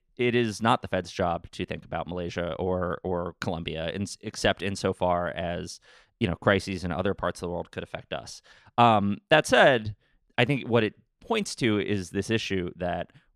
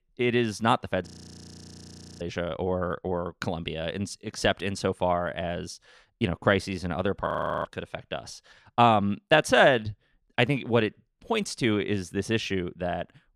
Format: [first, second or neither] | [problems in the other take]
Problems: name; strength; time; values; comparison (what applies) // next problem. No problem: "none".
first | audio freezing; at 1 s for 1 s and at 7.5 s